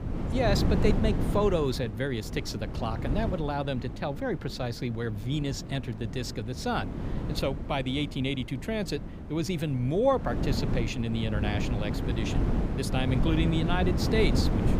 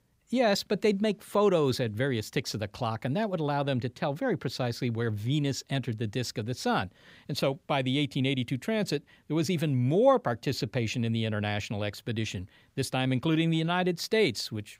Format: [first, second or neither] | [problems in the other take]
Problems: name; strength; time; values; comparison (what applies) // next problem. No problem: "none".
second | wind noise on the microphone; heavy; 7 dB below the speech